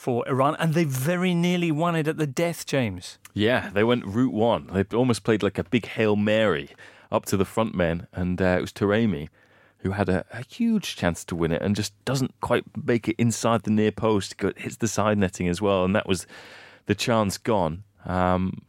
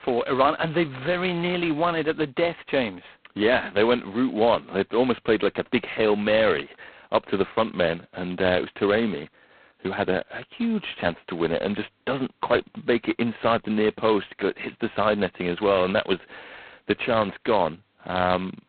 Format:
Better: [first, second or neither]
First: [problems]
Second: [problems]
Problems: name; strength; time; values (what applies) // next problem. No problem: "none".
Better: first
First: none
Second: phone-call audio; poor line; nothing above 4 kHz